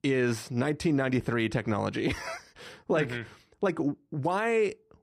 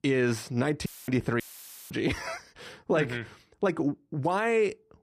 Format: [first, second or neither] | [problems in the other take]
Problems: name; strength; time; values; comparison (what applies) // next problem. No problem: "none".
first | audio cutting out; filled with static; at 1 s and at 1.5 s for 0.5 s